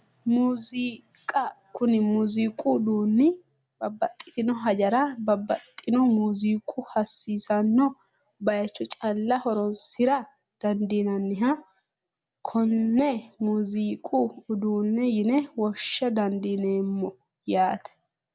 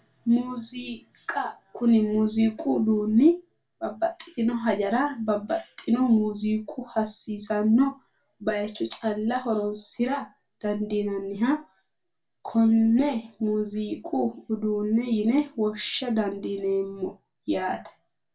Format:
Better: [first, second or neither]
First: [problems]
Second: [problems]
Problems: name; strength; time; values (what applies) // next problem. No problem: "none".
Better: first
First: none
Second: room echo; dies away in 0.2 s